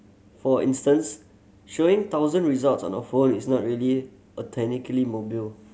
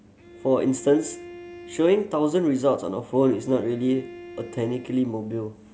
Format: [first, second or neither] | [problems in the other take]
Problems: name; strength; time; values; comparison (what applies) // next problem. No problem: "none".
first | background sound (Bowed string instrument); 18 dB below the speech